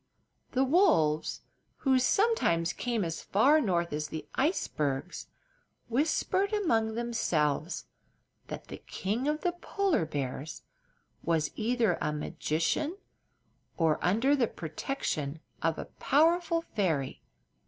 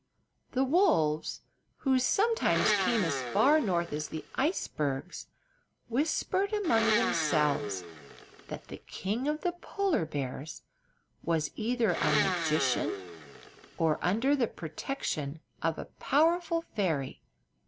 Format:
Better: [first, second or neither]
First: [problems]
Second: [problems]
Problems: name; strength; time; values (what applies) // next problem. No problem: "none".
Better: first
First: none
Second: background sound (Domestic sounds, home sounds); 4 dB below the speech